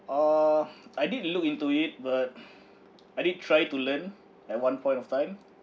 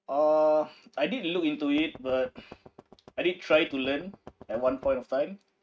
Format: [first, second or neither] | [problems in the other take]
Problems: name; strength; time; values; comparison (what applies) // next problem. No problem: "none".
first | noise reduction (neural mask model RNNoise)